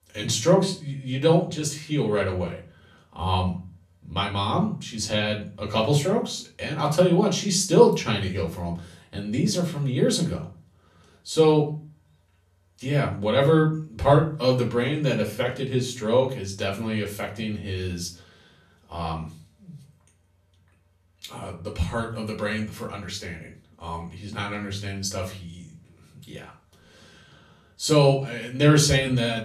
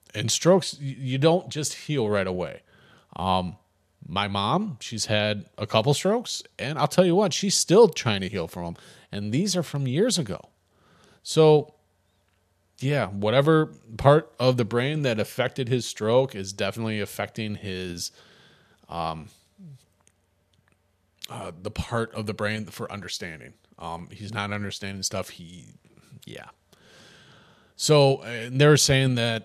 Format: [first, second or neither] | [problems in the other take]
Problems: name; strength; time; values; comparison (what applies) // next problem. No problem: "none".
second | off-mic speech; far // room echo; slight; dies away in 0.3 s